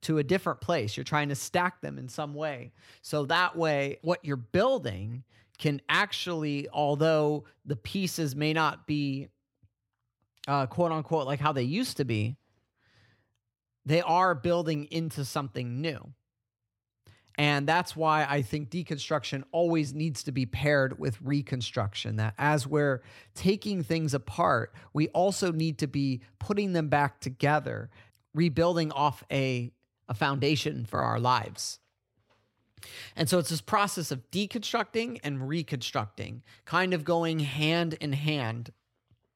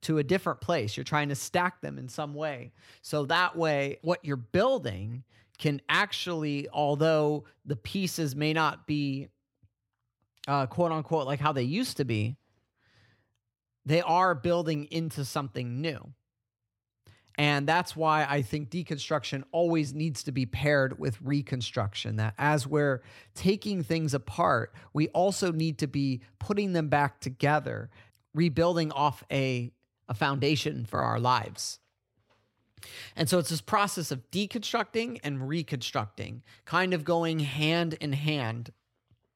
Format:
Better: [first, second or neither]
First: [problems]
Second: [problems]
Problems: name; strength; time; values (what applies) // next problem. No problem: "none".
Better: neither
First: none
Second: none